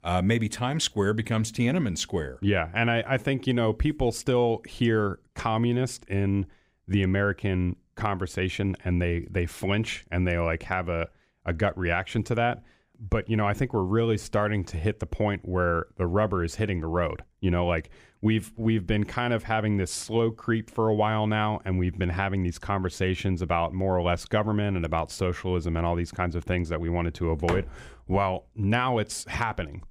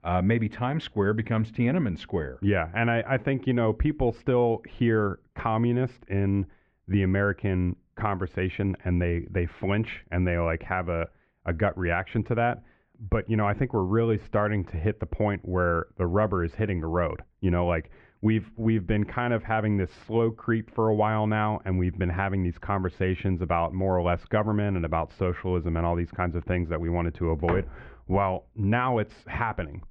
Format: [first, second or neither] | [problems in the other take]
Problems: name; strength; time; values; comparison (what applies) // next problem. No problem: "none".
first | muffled; very; fading above 2.5 kHz